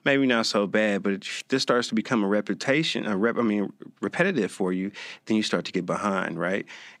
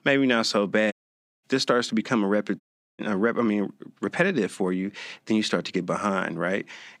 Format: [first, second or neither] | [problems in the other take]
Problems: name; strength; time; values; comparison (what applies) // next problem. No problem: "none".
first | audio cutting out; at 1 s for 0.5 s and at 2.5 s